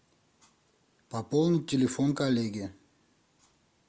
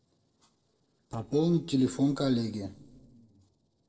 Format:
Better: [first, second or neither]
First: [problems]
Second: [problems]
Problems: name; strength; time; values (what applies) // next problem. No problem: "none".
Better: first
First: none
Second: noise reduction (neural separator model SepFormer DNS4)